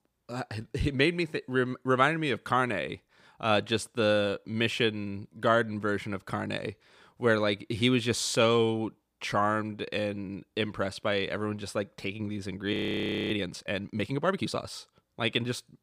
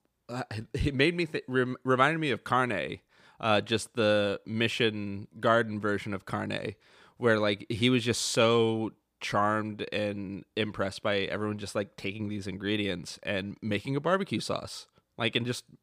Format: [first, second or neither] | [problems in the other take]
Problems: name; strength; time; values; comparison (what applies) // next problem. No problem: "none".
second | audio freezing; at 13 s for 0.5 s